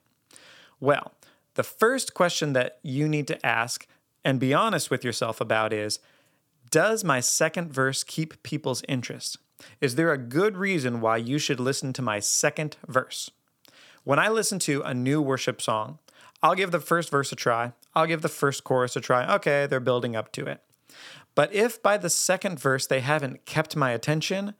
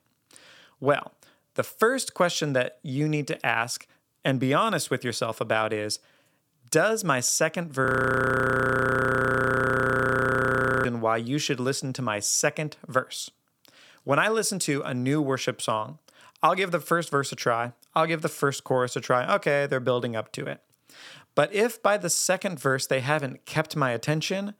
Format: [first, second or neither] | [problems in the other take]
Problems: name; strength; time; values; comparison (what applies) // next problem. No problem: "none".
first | audio freezing; at 8 s for 3 s